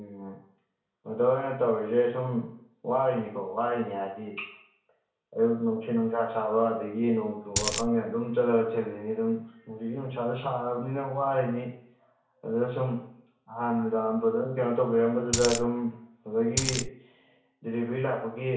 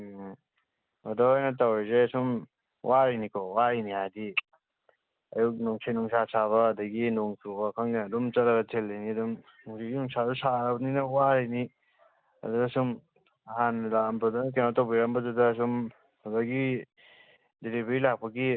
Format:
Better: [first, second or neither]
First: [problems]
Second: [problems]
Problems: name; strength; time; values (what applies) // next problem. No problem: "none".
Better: second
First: background sound (Coin (dropping)); as loud as the speech // room echo; dies away in 0.6 s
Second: none